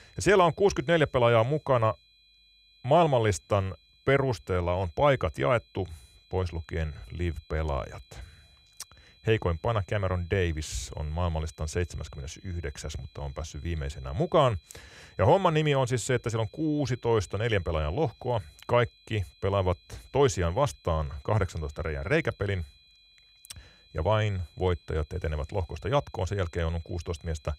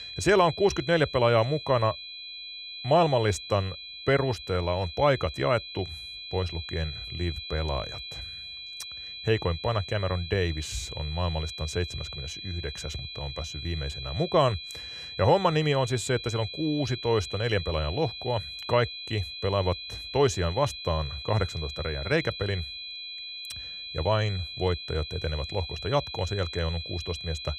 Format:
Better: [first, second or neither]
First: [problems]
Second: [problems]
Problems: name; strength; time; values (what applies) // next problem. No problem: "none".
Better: first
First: high-pitched whine; faint; throughout; 4 kHz, 30 dB below the speech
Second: high-pitched whine; loud; throughout; 4 kHz, 9 dB below the speech